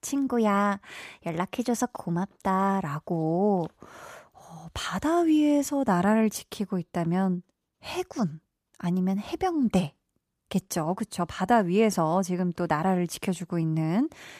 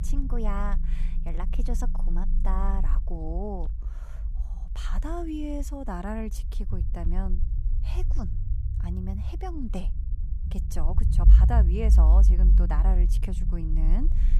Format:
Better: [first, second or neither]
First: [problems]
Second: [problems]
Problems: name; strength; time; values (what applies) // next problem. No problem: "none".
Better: first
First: none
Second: low rumble; loud; throughout; 8 dB below the speech